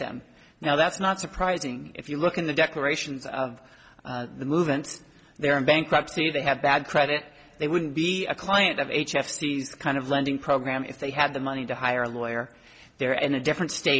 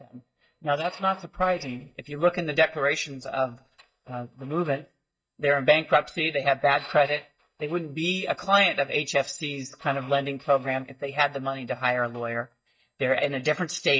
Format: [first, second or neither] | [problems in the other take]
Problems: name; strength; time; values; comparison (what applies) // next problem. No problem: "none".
first | noise reduction (neural mask model DeepFilterNet 3)